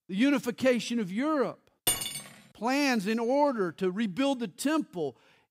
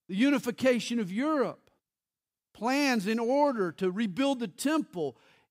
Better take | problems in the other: second | clattering dishes; loud; at 2 s; peak 1 dB above the speech

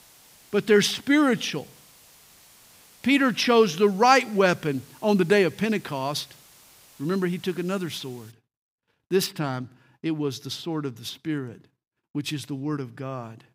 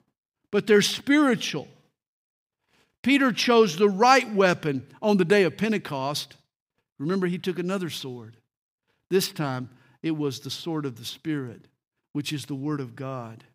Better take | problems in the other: second | hiss; faint; until 8.5 s; 25 dB below the speech

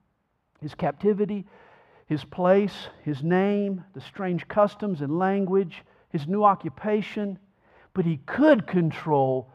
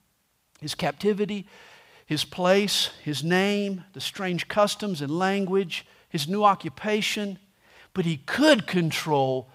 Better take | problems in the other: second | muffled; very; fading above 3 kHz

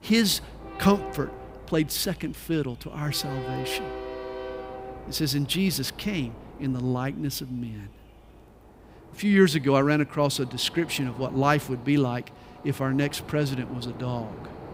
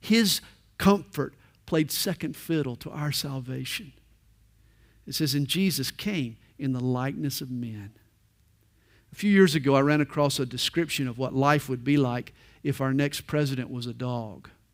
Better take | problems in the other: second | train or aircraft noise; noticeable; throughout; 15 dB below the speech

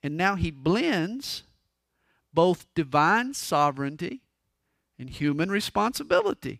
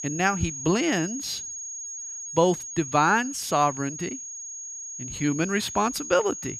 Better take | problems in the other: first | high-pitched whine; loud; throughout; 6.5 kHz, 8 dB below the speech

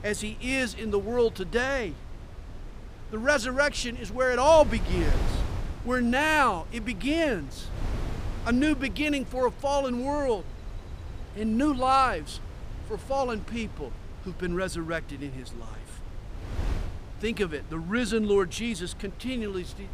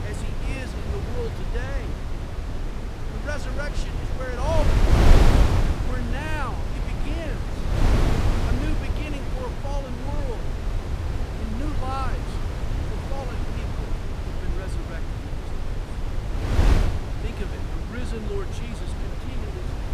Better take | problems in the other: first | wind noise on the microphone; heavy; 1 dB above the speech; occasional gusts in the first

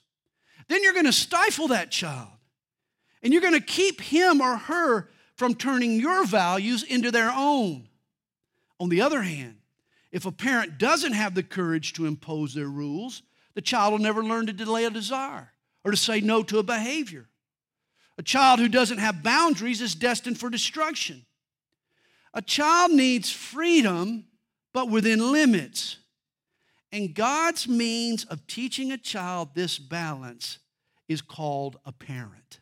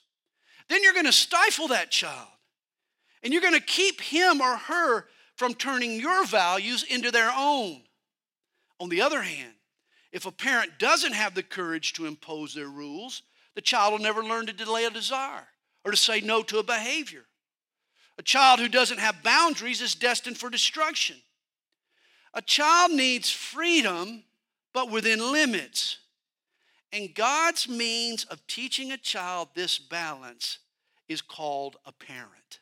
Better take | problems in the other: first | thin; somewhat; fading below 400 Hz

